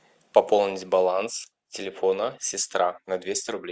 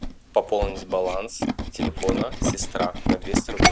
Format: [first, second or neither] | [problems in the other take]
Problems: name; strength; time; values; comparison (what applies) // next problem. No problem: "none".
first | background sound (Tools); 3 dB above the speech